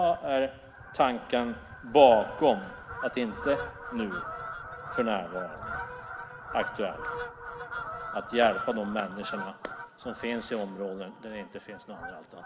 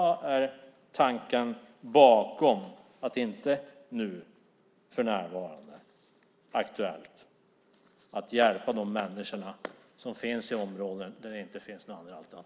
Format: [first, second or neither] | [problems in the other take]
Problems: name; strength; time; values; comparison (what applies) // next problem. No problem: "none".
second | background sound (Fowl); 10 dB below the speech